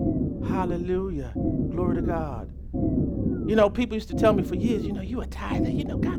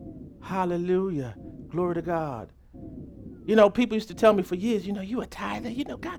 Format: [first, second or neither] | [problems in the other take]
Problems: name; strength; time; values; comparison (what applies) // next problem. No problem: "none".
second | low rumble; loud; throughout; 6 dB below the speech; faint in the second